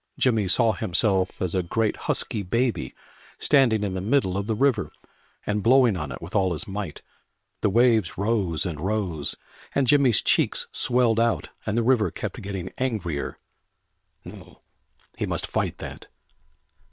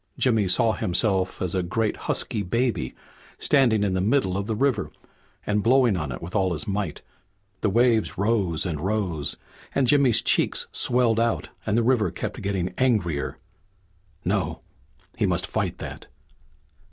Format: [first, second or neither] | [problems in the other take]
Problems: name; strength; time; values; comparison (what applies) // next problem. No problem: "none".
second | noise reduction (neural separator model SepFormer WHAM!)